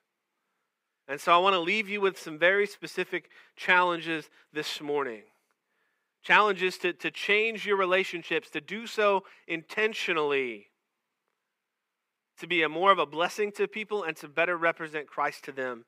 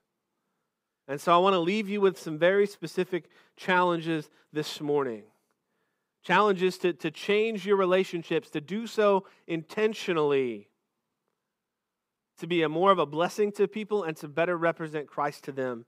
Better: second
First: thin; somewhat; fading below 850 Hz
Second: none

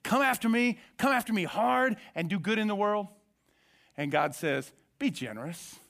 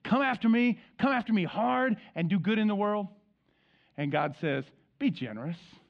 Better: first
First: none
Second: muffled; slightly; fading above 4 kHz

